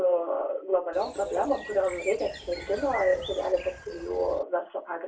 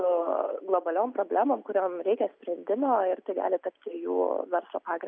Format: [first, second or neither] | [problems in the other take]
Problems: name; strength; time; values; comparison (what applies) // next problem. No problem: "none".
second | background sound (Bird); 12 dB below the speech // room echo; dies away in 0.2 s